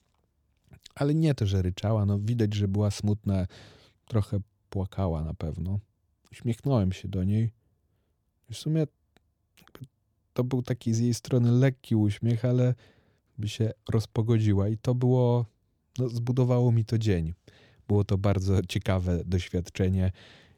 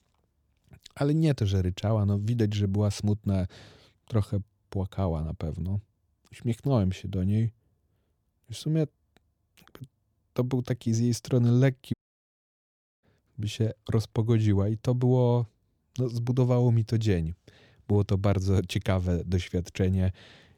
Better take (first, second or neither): first